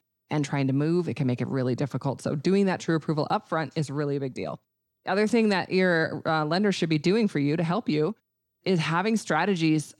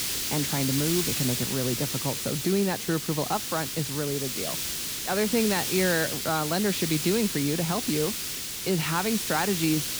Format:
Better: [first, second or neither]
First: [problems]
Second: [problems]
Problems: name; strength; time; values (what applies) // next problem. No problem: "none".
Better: first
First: none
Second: hiss; loud; throughout; 1 dB below the speech